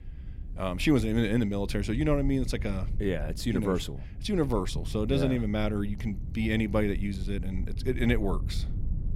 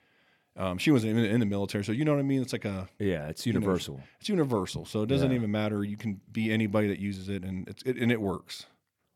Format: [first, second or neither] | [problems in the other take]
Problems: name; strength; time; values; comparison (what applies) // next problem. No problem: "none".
second | low rumble; noticeable; throughout; 20 dB below the speech